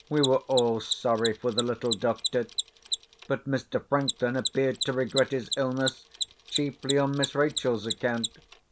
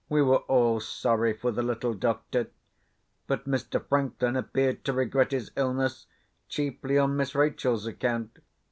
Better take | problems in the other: second | background sound (Mechanisms); 8 dB below the speech

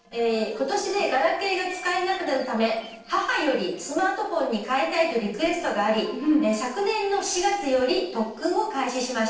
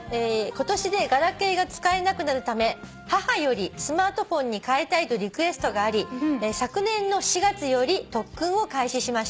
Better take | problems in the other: second | noise reduction (neural separator model SepFormer DNS4)

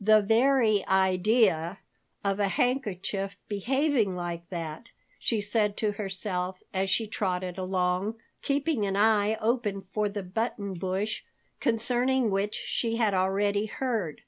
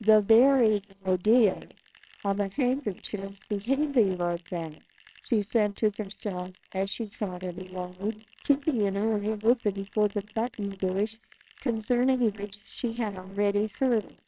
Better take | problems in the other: first | noise reduction (neural separator model SepFormer WHAMR!)

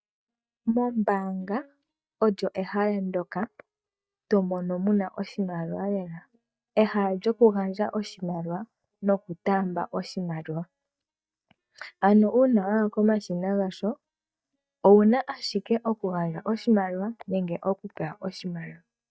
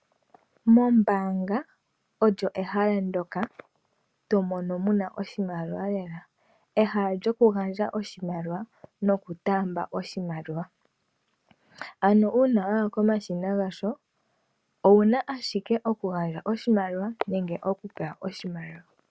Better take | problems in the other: second | noise reduction (neural mask model DeepFilterNet 3)

